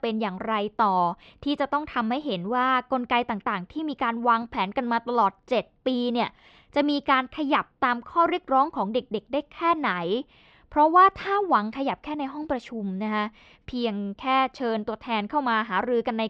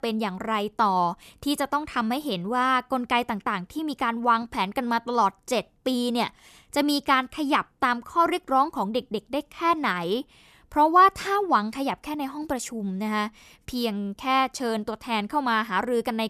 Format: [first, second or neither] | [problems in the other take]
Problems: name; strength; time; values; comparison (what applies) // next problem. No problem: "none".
second | muffled; slightly; fading above 4 kHz